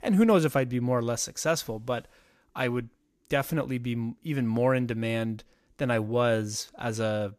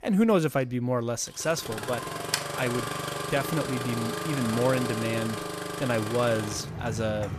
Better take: first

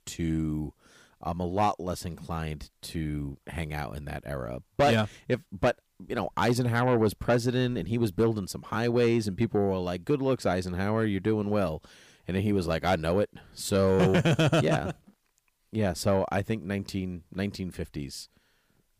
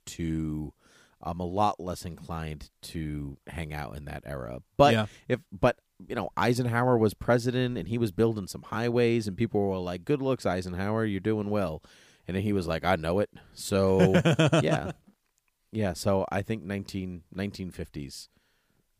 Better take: second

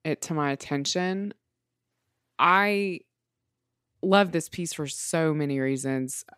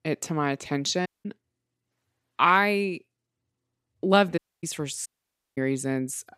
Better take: first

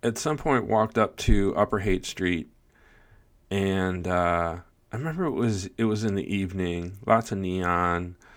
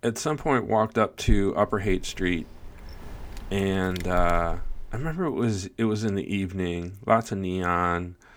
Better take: first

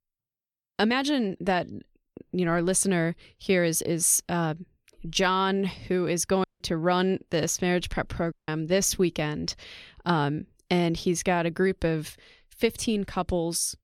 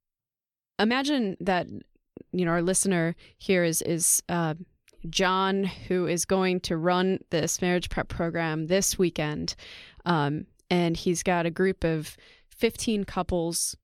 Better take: second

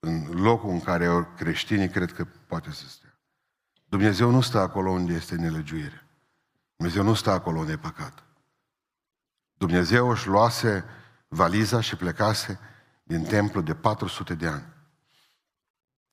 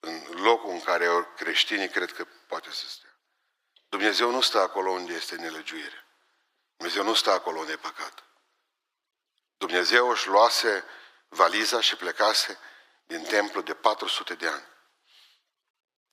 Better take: first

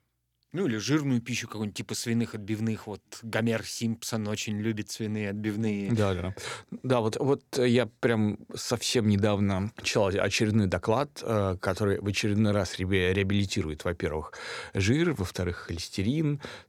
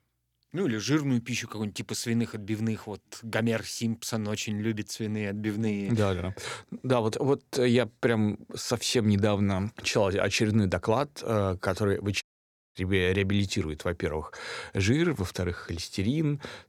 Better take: first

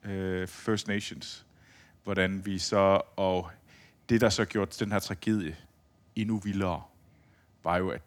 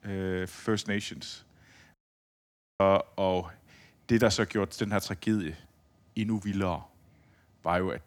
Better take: first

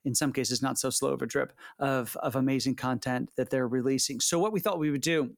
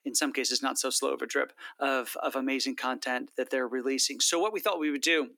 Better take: first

